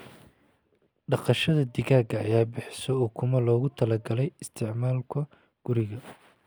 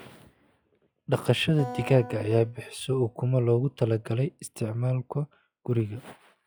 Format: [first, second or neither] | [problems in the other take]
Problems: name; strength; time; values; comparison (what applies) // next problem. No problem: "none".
first | noise reduction (classical method log-MMSE)